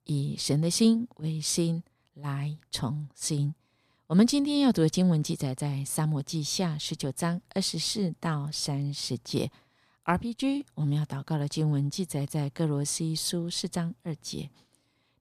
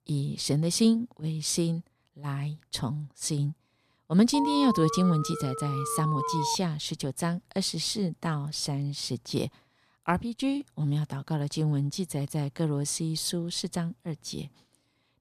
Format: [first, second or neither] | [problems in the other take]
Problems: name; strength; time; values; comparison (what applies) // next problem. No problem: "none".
first | alarm; noticeable; from 4.5 to 6.5 s; peak 2 dB below the speech